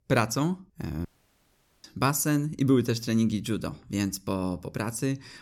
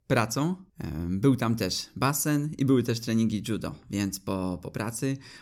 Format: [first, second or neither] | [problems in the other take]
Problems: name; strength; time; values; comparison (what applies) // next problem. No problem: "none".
second | audio cutting out; at 1 s for 1 s